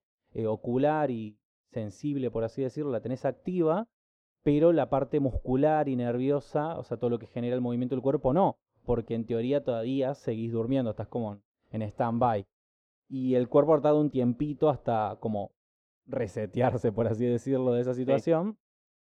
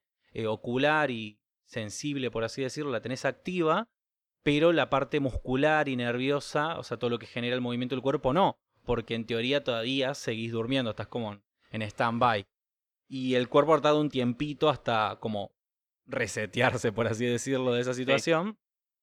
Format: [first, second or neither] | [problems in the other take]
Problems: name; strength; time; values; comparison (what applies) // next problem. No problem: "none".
second | muffled; very; fading above 1 kHz